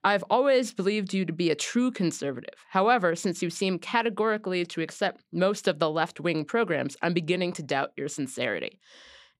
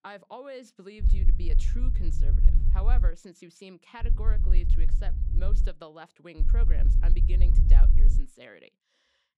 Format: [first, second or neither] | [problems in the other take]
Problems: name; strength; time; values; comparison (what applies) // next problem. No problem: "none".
first | low rumble; loud; from 1 to 3 s, from 4 to 5.5 s and from 6.5 to 8 s; 4 dB below the speech